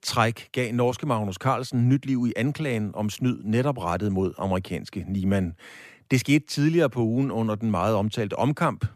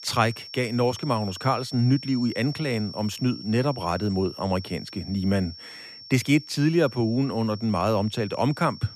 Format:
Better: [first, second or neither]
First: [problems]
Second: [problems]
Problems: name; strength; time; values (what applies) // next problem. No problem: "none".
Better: first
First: none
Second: high-pitched whine; noticeable; throughout; 5.5 kHz, 15 dB below the speech